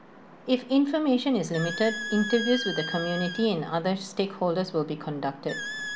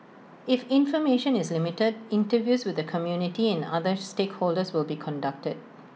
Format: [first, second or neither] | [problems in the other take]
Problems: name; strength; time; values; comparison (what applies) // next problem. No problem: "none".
second | background sound (Squeak); 10 dB below the speech